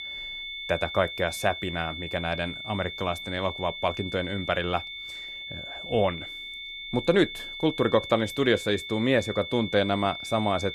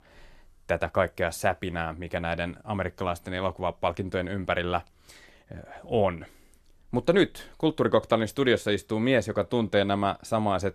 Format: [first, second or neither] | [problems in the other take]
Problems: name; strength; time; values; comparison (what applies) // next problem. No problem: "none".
second | high-pitched whine; loud; throughout; 3.5 kHz, 8 dB below the speech